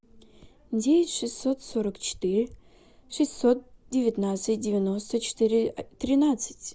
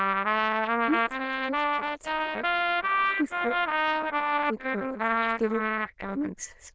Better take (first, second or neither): first